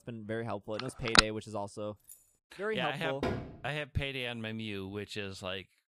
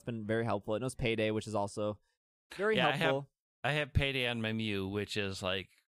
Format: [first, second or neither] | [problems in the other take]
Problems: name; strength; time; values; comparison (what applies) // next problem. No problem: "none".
second | phone ringing; loud; at 1 s; peak 10 dB above the speech // jangling keys; faint; at 2 s; peak 15 dB below the speech // door banging; loud; at 3 s; peak 1 dB above the speech